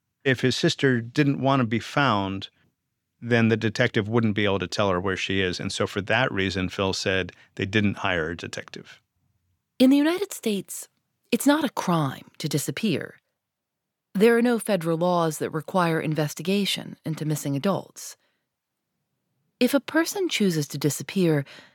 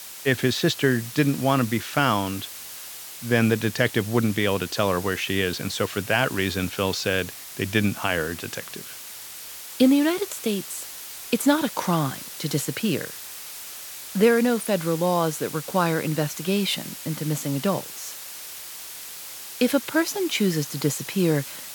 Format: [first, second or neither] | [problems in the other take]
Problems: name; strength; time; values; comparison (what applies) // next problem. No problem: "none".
first | hiss; noticeable; throughout; 10 dB below the speech